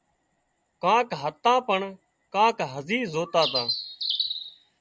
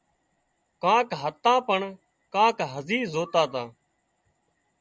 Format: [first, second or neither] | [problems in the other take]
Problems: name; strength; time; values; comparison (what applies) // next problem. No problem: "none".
second | background sound (Bird); 3 dB below the speech